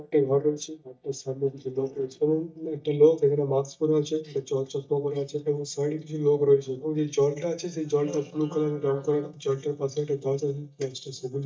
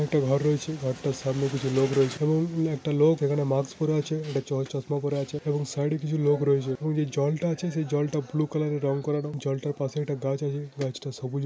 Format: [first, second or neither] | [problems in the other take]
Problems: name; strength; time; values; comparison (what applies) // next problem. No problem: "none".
second | noise reduction (neural mask model DeepFilterNet 3)